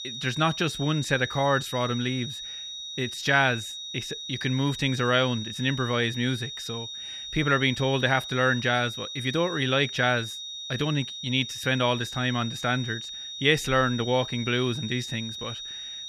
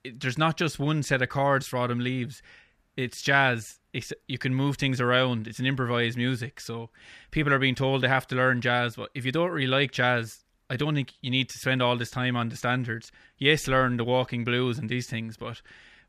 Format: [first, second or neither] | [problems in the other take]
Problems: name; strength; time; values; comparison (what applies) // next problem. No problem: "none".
second | high-pitched whine; loud; throughout; 3.5 kHz, 8 dB below the speech